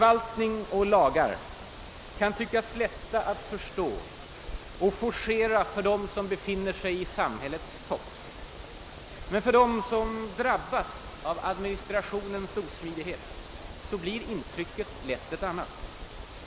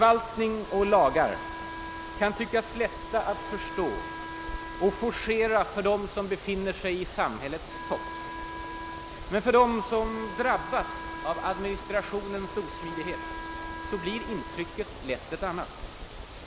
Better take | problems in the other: first | background sound (Wind instrument, woodwind instrument); 12 dB below the speech

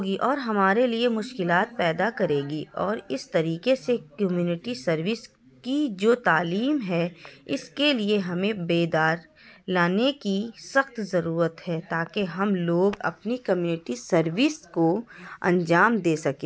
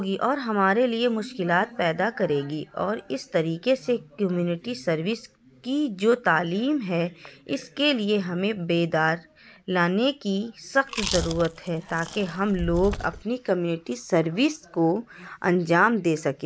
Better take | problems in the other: first | background sound (Chewing, mastication); 9 dB below the speech

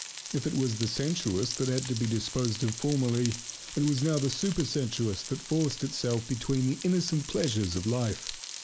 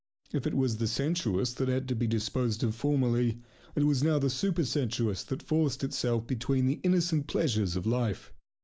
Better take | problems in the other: second | background sound (Frying (food)); 11 dB below the speech

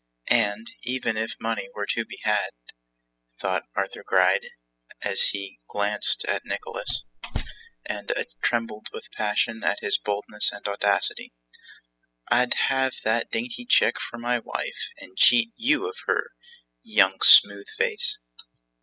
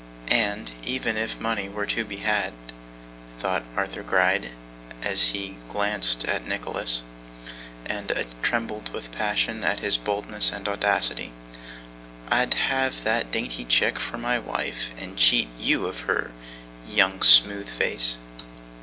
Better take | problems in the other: second | noise reduction (classical method spectral subtraction)

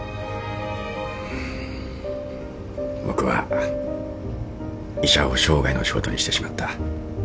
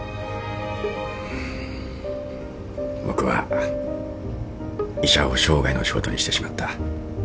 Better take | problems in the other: first | background sound (Bowed string instrument); 13 dB below the speech

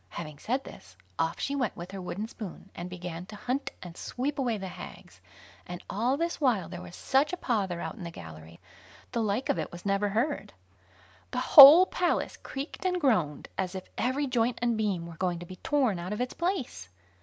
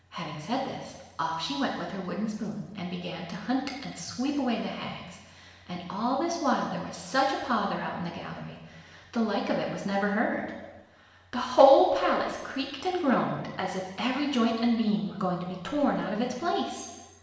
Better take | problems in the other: first | room echo; dies away in 1.1 s

